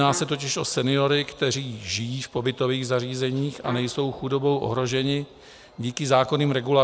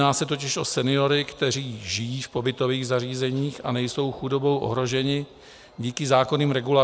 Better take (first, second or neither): second